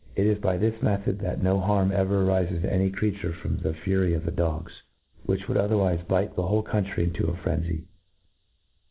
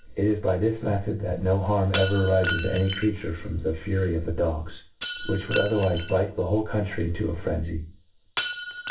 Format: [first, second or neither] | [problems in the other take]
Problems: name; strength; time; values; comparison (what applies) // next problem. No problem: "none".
first | background sound (Shatter); 11 dB below the speech // room echo; dies away in 0.3 s